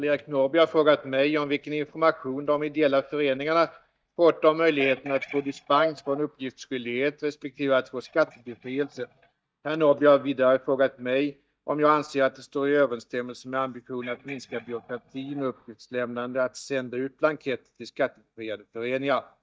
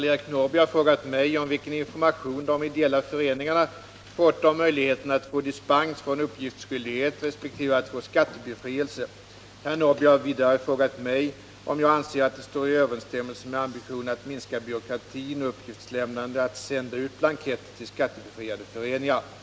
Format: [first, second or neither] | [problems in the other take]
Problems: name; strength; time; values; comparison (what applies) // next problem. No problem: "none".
second | noise reduction (neural mask model DeepFilterNet 3)